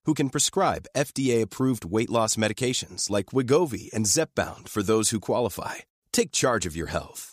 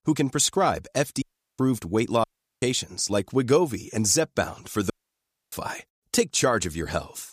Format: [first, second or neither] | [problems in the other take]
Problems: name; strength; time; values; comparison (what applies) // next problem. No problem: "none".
first | audio cutting out; at 1 s, at 2 s and at 5 s for 0.5 s